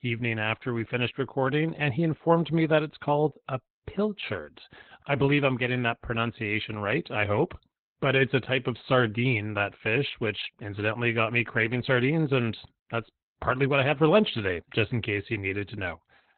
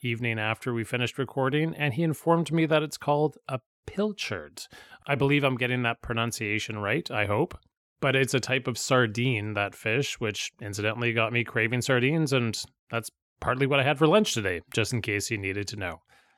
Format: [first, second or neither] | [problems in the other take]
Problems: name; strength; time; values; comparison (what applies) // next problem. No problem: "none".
second | garbled, watery; badly; nothing above 3.5 kHz